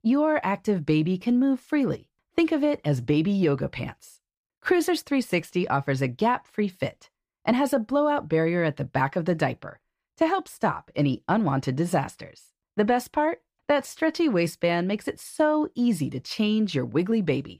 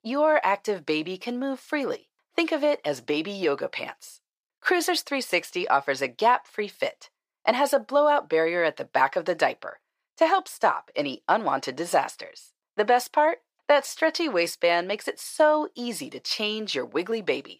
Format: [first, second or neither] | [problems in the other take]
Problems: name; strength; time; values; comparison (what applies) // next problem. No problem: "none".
first | thin; somewhat; fading below 600 Hz